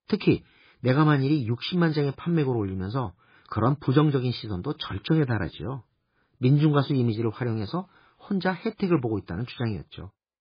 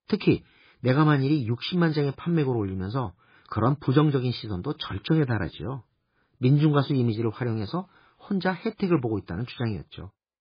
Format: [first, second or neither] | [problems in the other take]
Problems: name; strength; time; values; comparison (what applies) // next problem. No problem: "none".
neither | garbled, watery; badly; the same in both